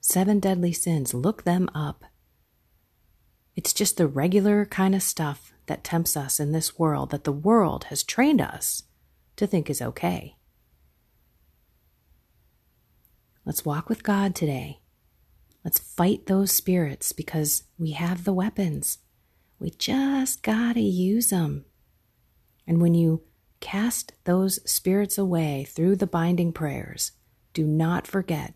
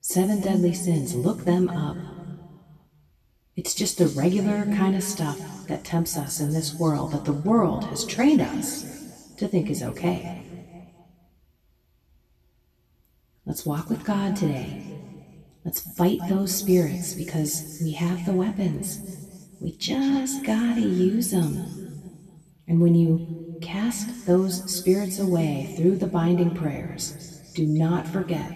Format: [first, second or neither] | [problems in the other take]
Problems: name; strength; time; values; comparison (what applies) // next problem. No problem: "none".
first | room echo; slight; dies away in 2.1 s // off-mic speech; far